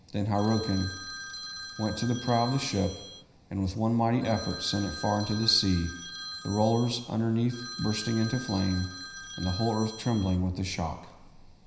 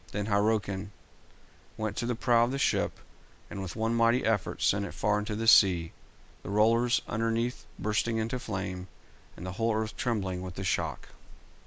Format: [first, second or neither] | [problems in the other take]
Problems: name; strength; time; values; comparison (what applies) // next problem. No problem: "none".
second | background sound (Telephone); 12 dB below the speech // room echo; dies away in 0.9 s